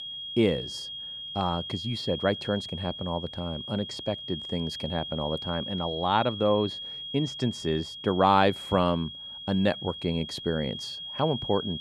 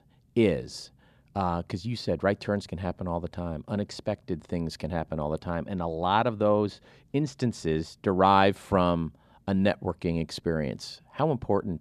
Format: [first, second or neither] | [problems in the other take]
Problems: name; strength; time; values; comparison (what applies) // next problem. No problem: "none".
second | high-pitched whine; loud; throughout; 3.5 kHz, 7 dB below the speech